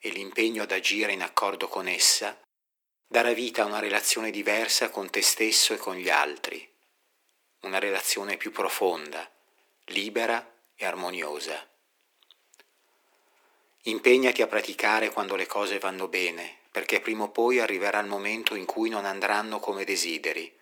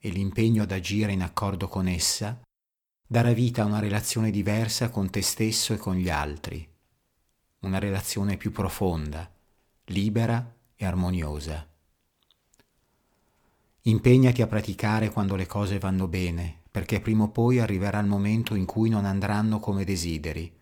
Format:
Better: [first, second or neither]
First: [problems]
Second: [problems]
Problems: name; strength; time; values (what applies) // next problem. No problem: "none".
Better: second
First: thin; very; fading below 350 Hz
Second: none